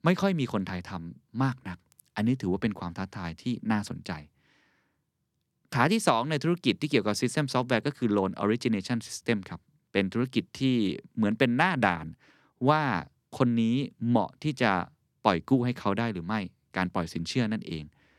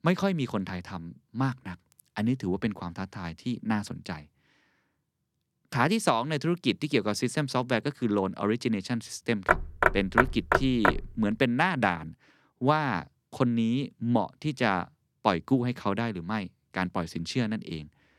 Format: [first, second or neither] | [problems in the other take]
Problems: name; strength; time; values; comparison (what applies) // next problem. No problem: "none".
first | door banging; loud; from 9.5 to 11 s; peak 5 dB above the speech